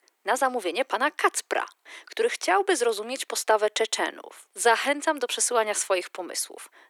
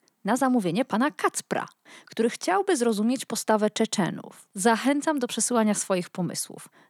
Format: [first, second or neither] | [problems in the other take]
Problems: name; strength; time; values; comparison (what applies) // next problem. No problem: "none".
second | thin; very; fading below 350 Hz